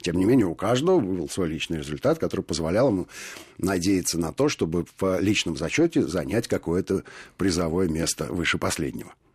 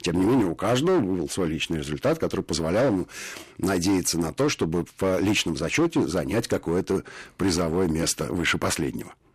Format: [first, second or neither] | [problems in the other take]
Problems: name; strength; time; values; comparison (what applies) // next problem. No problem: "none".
first | distortion; slight; 10% of the sound clipped